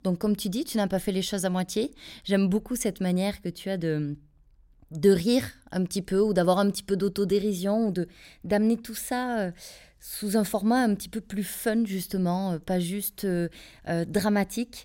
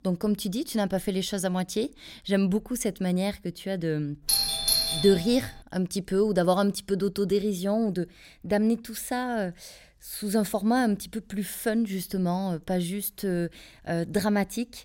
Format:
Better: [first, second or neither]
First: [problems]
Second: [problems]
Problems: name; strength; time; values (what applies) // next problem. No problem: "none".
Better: first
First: none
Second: doorbell; loud; from 4.5 to 5.5 s; peak 5 dB above the speech